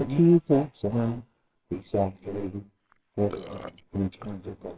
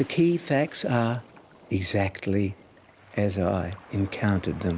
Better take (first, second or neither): second